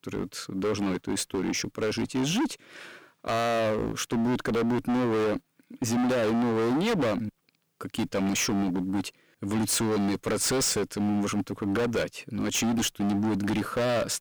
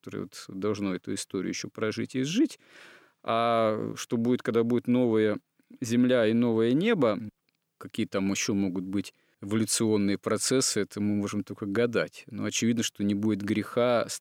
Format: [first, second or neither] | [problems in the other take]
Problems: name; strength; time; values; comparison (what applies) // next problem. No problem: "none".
second | distortion; heavy; 26% of the sound clipped